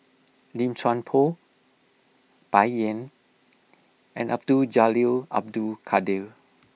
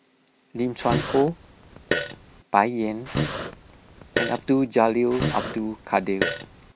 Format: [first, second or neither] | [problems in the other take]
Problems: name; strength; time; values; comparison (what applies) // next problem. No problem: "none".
first | background sound (Fart); 5 dB below the speech